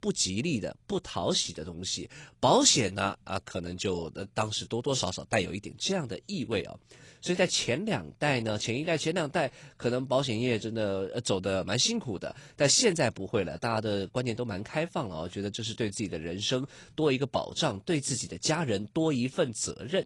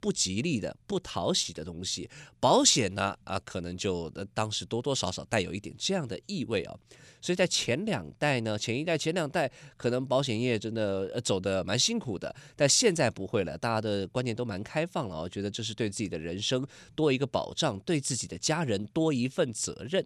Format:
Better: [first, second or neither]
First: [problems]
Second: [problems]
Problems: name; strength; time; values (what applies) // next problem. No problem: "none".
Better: second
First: garbled, watery; slightly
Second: none